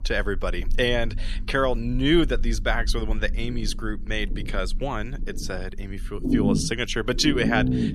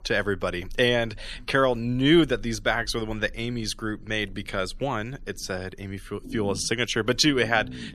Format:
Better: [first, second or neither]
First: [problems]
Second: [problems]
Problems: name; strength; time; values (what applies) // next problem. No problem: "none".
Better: second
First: low rumble; loud; throughout; 7 dB below the speech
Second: low rumble; faint; throughout; 25 dB below the speech